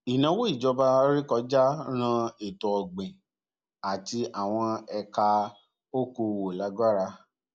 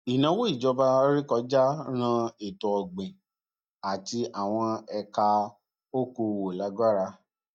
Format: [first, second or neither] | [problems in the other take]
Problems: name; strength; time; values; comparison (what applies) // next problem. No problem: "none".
first | noise reduction (neural mask model DeepFilterNet 3)